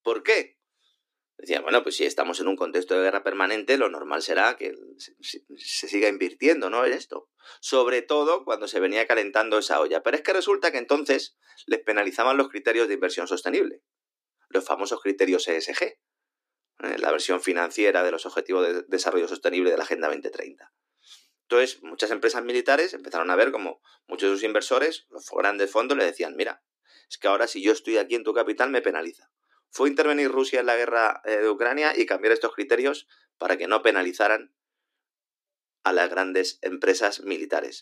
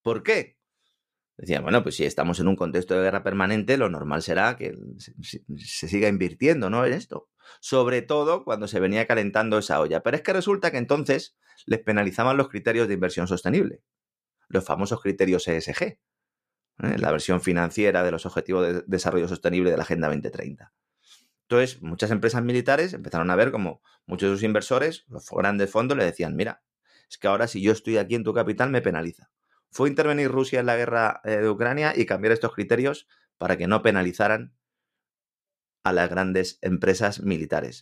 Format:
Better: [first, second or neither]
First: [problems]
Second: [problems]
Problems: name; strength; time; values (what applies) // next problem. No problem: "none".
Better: second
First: thin; somewhat; fading below 300 Hz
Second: none